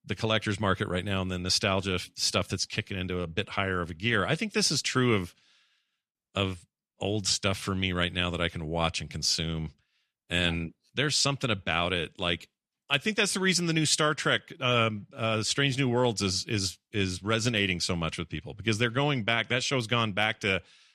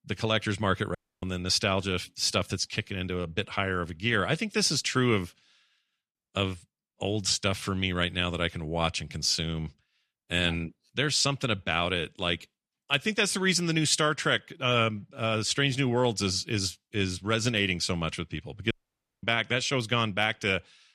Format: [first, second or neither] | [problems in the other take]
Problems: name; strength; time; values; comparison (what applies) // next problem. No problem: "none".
first | audio cutting out; at 1 s and at 19 s for 0.5 s